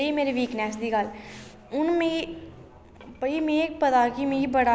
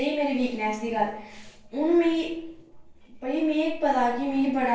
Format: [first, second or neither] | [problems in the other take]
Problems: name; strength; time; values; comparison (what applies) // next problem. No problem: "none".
first | noise reduction (neural separator model SepFormer DNS4)